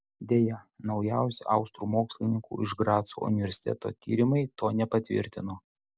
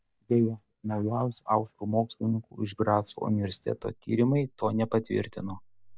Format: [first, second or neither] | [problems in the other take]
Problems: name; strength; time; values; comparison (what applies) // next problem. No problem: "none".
first | noise reduction (neural mask model DeepFilterNet 3)